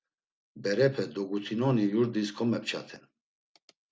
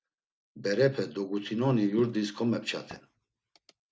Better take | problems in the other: first | background sound (Walk, footsteps); 19 dB below the speech

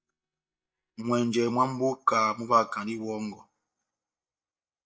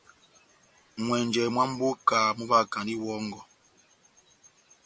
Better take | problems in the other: second | noise reduction (neural mask model DeepFilterNet 3)

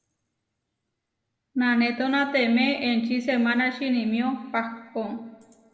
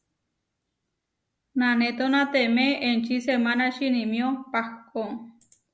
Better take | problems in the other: second | room echo; dies away in 1.6 s

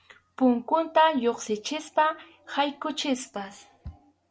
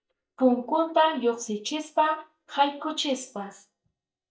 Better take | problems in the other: first | noise reduction (neural mask model DeepFilterNet 3)

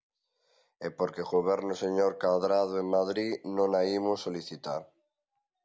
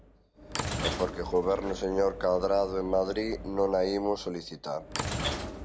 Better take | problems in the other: first | background sound (Sliding door / Train); 7 dB below the speech

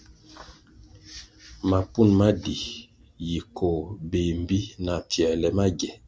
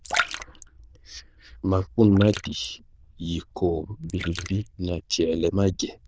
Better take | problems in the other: first | noise reduction (neural diffusion model UNIVERSE++)

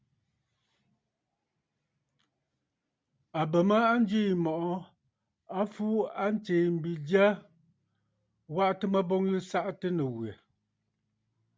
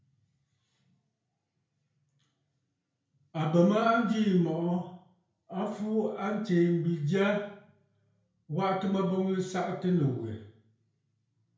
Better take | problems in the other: first | room echo; dies away in 0.5 s

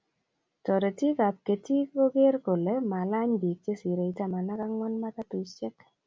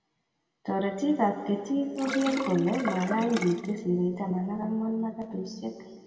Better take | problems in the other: first | background sound (Sink (filling or washing)); 9 dB below the speech // room echo; dies away in 2.3 s

